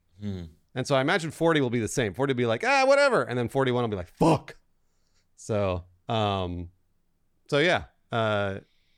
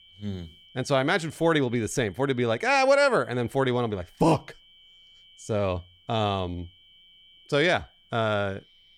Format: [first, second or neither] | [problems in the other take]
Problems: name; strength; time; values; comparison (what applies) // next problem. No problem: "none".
first | high-pitched whine; faint; throughout; 3 kHz, 30 dB below the speech